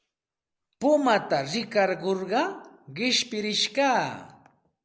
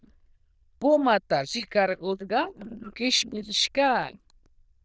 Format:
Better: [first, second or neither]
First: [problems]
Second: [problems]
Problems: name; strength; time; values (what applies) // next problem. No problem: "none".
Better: first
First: none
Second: noise reduction (neural diffusion model UNIVERSE++)